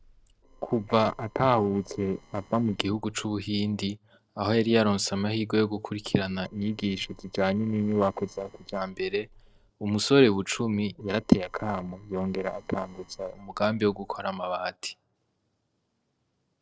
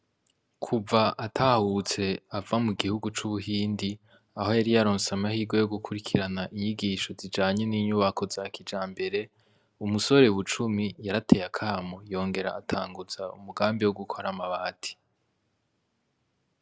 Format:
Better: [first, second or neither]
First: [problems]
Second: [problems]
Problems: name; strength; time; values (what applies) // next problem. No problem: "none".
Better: second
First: noise reduction (neural separator model SepFormer DNS4)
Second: none